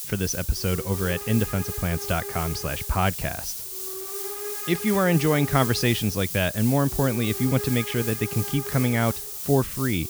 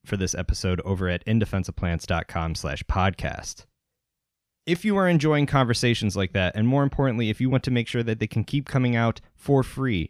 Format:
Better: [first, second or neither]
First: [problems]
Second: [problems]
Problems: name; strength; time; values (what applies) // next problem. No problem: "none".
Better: second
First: hiss; loud; throughout; 6 dB below the speech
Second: none